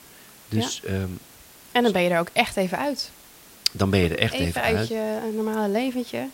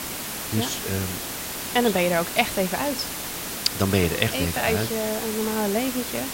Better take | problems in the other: first | hiss; loud; throughout; 4 dB below the speech; faint in the first

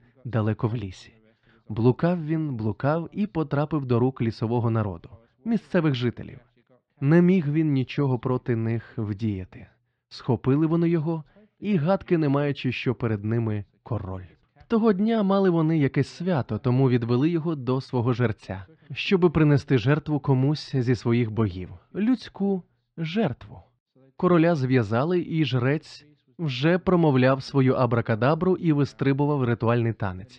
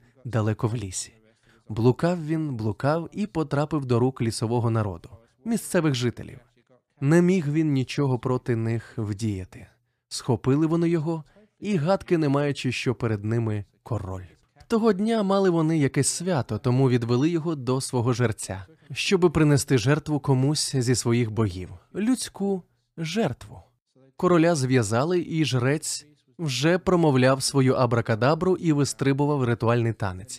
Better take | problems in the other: second | muffled; slightly; fading above 4 kHz

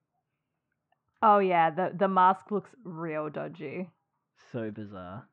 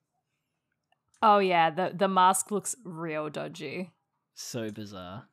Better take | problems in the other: second | muffled; very; fading above 2 kHz

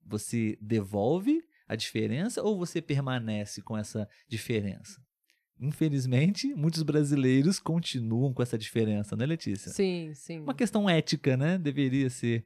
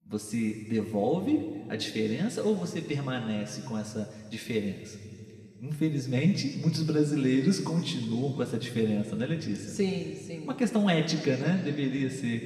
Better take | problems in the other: first | room echo; noticeable; dies away in 2.3 s // off-mic speech; somewhat distant

